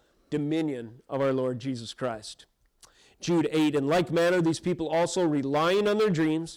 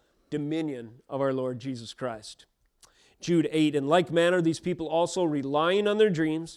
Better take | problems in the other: second | distortion; slight; 9% of the sound clipped

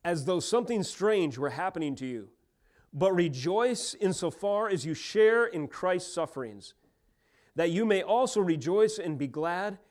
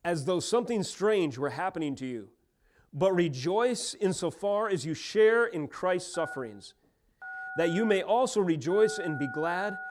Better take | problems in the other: first | phone ringing; noticeable; from 6 s on; peak 10 dB below the speech

